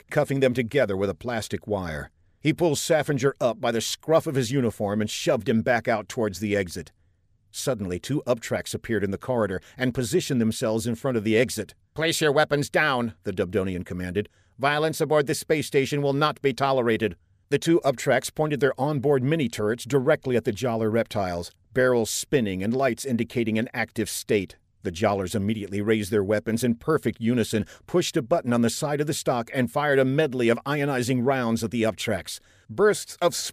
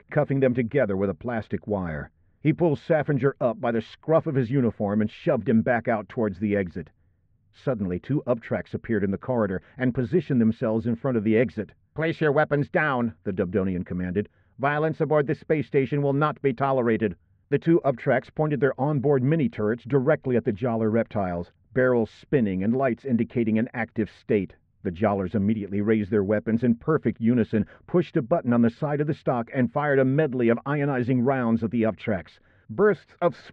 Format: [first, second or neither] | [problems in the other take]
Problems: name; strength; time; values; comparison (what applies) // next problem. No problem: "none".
first | muffled; very; fading above 2 kHz